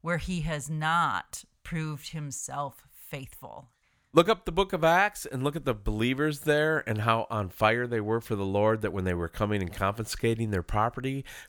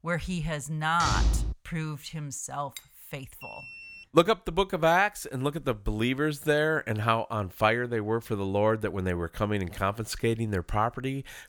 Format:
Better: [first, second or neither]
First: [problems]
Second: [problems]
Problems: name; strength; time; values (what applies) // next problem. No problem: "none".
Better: first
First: none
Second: door banging; loud; at 1 s; peak 1 dB above the speech // clattering dishes; very faint; at 3 s; peak 20 dB below the speech // alarm; faint; at 3.5 s; peak 15 dB below the speech